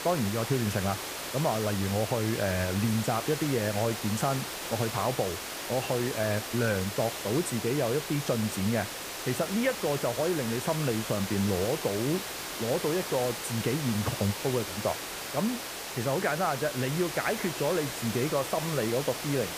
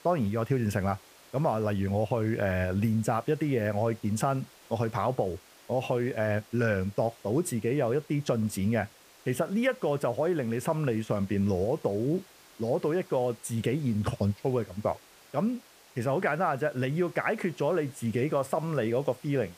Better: second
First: hiss; loud; throughout; 5 dB below the speech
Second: hiss; faint; throughout; 25 dB below the speech

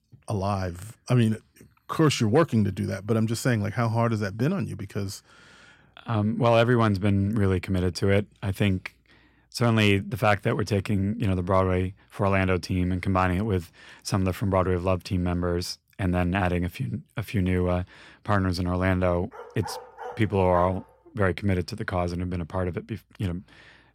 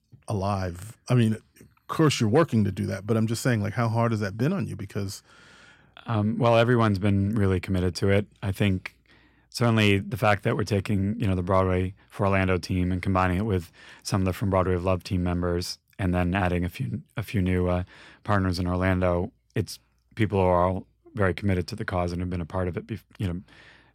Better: second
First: dog barking; faint; from 19 to 21 s; peak 15 dB below the speech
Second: none

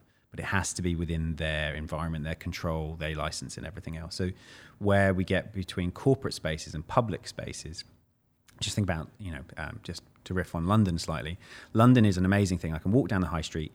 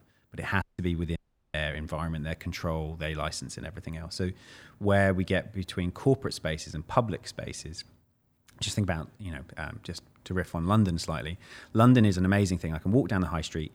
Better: first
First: none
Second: audio cutting out; at 0.5 s and at 1 s

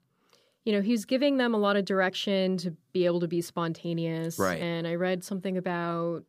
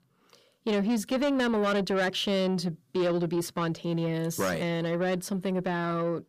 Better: first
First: none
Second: distortion; slight; 10 dB below the speech

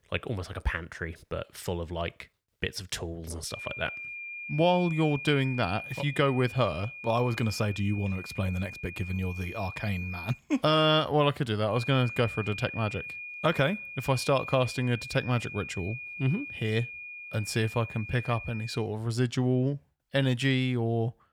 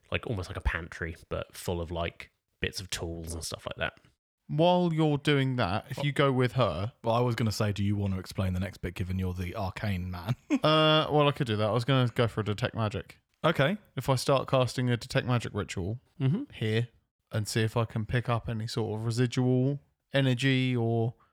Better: second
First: high-pitched whine; loud; from 3.5 to 10 s and from 12 to 19 s; 2.5 kHz, 9 dB below the speech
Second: none

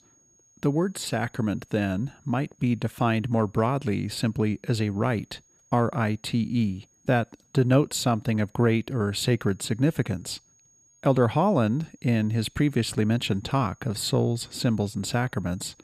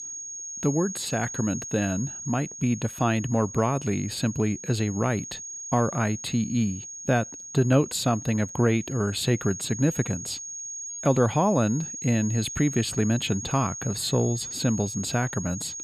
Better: first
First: high-pitched whine; faint; throughout; 6.5 kHz, 35 dB below the speech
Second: high-pitched whine; loud; throughout; 6.5 kHz, 9 dB below the speech

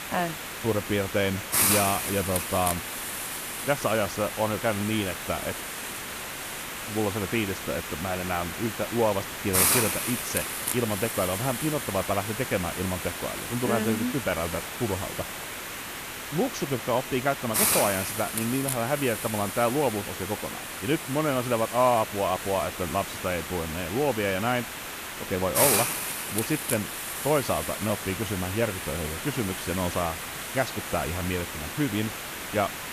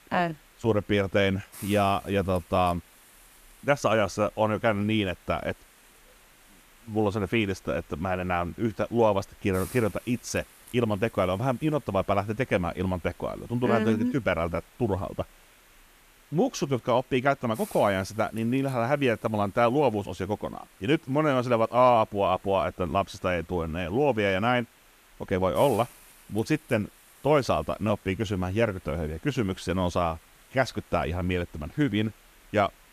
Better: second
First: hiss; loud; throughout; 1 dB below the speech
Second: hiss; faint; throughout; 25 dB below the speech

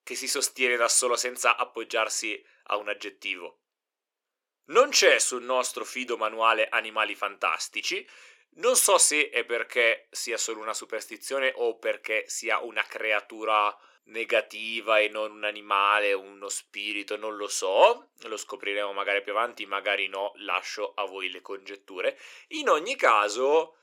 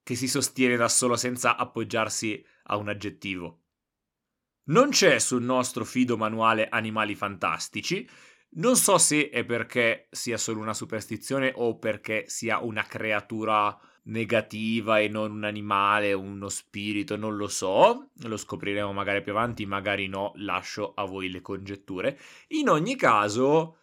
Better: second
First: thin; very; fading below 450 Hz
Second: none

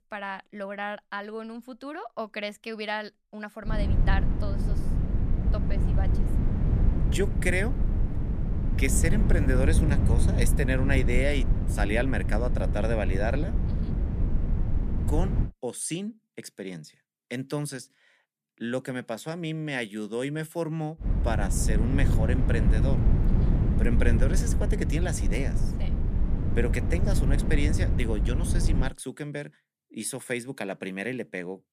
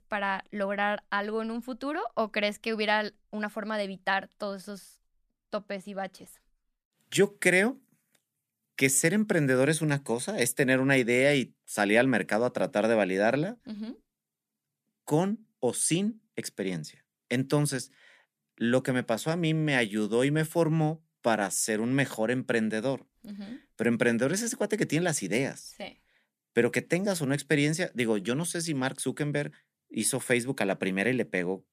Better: second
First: wind noise on the microphone; heavy; from 3.5 to 15 s and from 21 to 29 s; 6 dB below the speech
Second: none

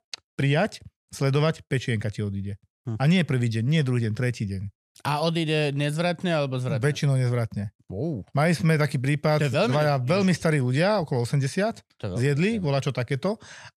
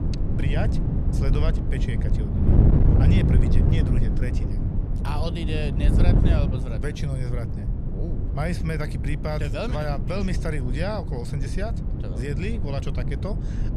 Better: first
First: none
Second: wind noise on the microphone; heavy; 2 dB below the speech

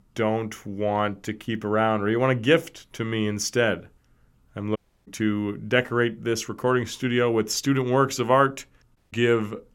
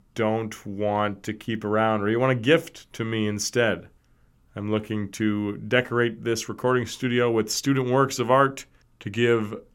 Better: second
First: audio cutting out; at 5 s and at 9 s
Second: none

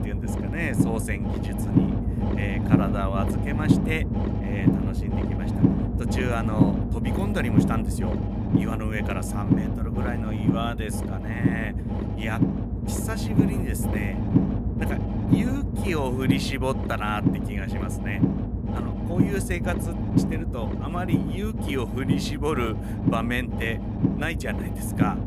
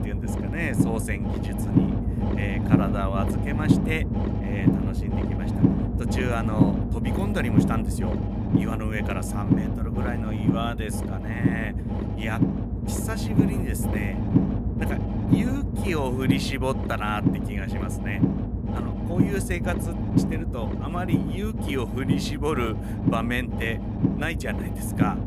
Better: neither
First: low rumble; loud; throughout; as loud as the speech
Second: low rumble; loud; throughout; as loud as the speech

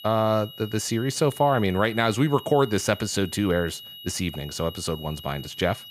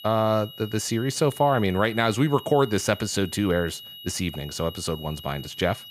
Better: neither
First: high-pitched whine; noticeable; throughout; 3 kHz, 15 dB below the speech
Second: high-pitched whine; noticeable; throughout; 3 kHz, 15 dB below the speech

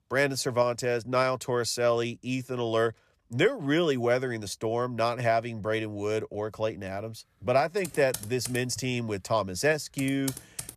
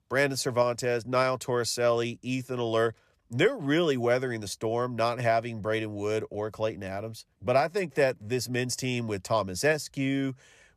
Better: second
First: keyboard typing; noticeable; from 8 s on; peak 8 dB below the speech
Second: none

